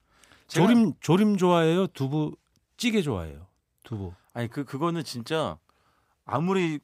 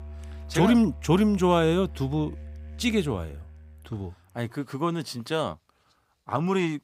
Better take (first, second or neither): first